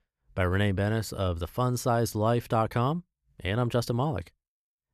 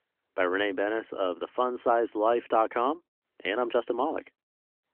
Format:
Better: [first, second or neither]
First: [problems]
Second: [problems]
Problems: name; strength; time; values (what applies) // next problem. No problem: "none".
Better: first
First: none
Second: phone-call audio; nothing above 3 kHz